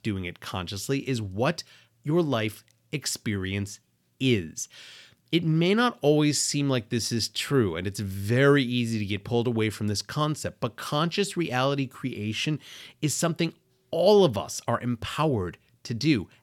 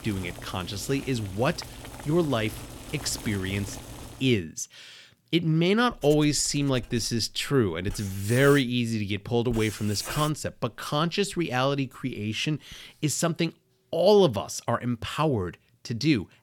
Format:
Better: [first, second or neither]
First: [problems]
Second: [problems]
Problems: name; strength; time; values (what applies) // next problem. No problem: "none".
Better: first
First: none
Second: household noises; noticeable; until 13 s; 15 dB below the speech